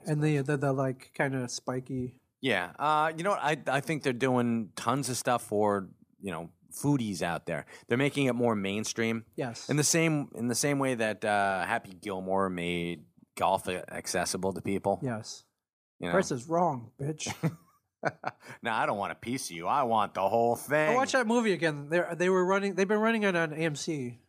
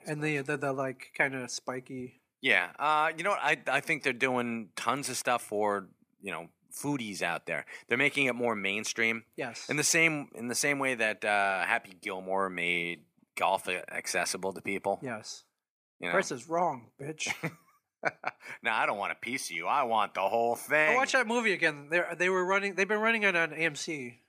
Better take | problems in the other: first | thin; very slightly; fading below 700 Hz

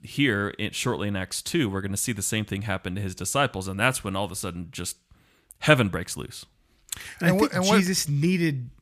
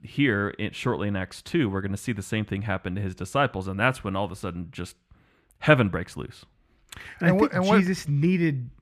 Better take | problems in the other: first | muffled; slightly; fading above 3.5 kHz

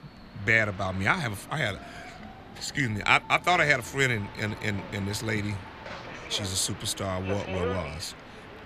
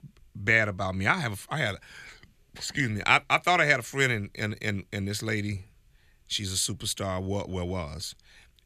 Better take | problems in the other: second | train or aircraft noise; noticeable; throughout; 15 dB below the speech

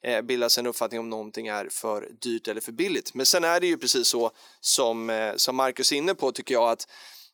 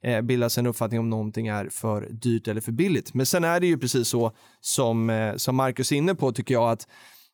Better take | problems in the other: second | thin; somewhat; fading below 350 Hz

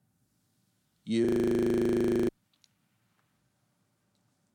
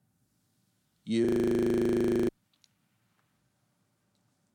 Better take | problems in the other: neither | audio freezing; at 1.5 s for 1 s; the same in both

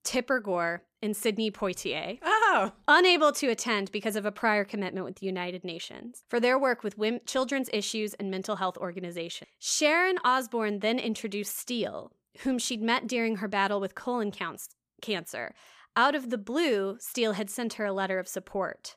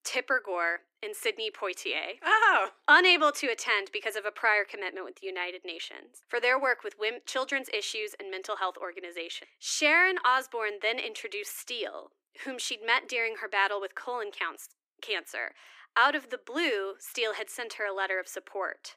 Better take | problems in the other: first | thin; very; fading below 300 Hz

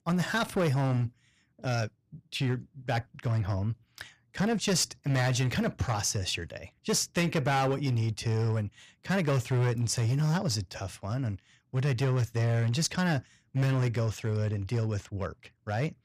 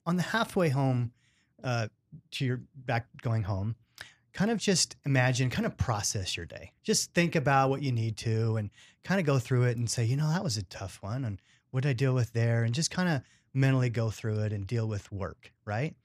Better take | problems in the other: second | distortion; slight; 10% of the sound clipped

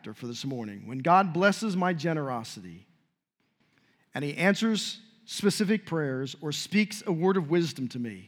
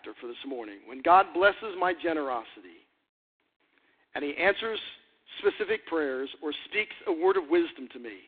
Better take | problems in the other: first | phone-call audio; poor line

